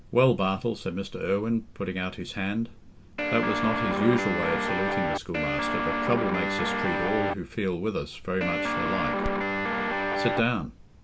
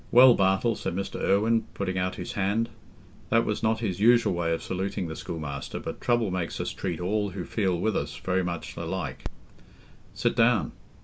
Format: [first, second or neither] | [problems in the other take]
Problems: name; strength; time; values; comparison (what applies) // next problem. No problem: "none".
second | background sound (Guitar); 1 dB above the speech